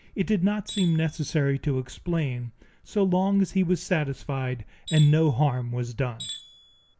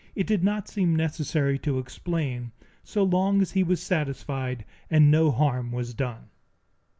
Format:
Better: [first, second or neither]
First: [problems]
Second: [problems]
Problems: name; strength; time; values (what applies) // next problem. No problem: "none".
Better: second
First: background sound (Tools); 15 dB below the speech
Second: none